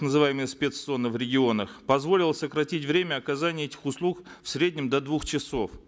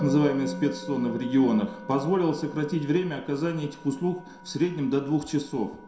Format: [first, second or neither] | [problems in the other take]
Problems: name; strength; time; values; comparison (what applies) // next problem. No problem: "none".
first | background sound (Musical instrument); 13 dB below the speech // room echo; dies away in 0.7 s